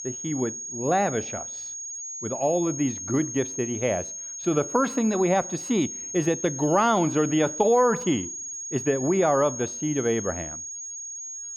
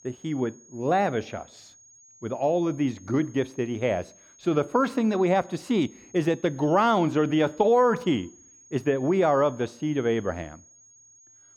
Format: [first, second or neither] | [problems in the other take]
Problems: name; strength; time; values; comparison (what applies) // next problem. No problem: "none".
second | high-pitched whine; loud; throughout; 6.5 kHz, 8 dB below the speech; faint in the second